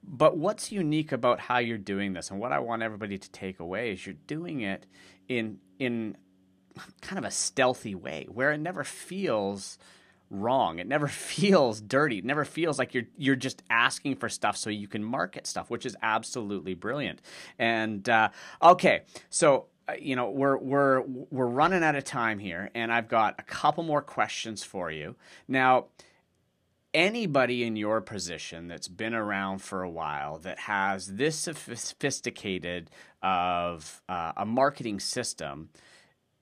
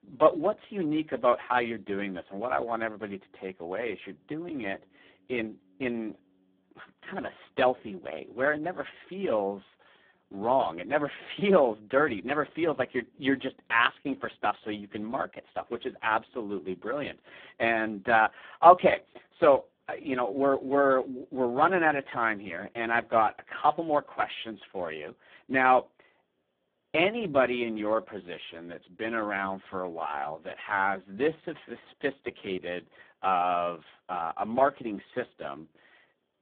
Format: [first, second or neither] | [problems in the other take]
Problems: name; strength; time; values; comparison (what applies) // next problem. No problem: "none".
first | phone-call audio; poor line